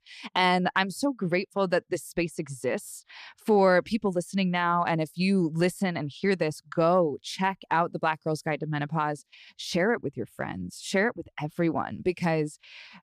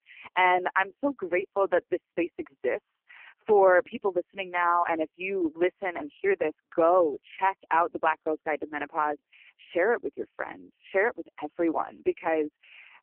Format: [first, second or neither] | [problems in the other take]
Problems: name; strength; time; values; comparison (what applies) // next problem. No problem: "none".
first | phone-call audio; poor line; nothing above 3 kHz